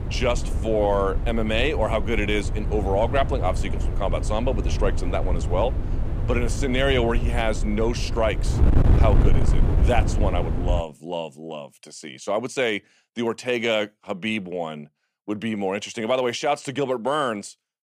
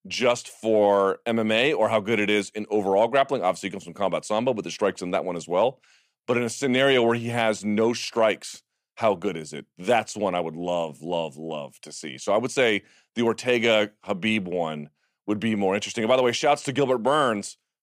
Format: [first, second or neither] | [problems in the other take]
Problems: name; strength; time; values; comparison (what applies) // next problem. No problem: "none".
second | wind noise on the microphone; occasional gusts; until 11 s; 10 dB below the speech